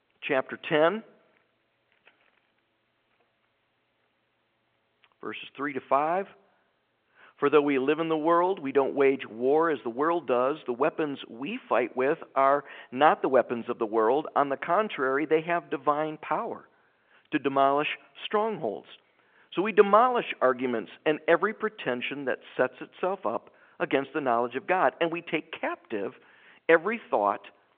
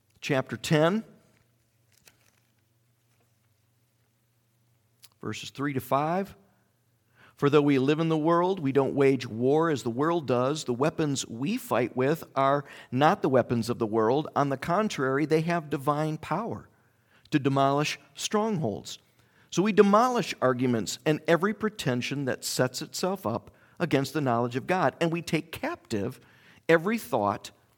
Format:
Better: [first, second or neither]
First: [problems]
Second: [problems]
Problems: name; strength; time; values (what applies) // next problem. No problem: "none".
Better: second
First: phone-call audio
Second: none